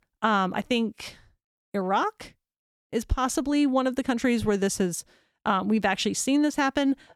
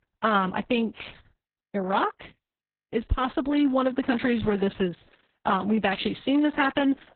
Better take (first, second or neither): first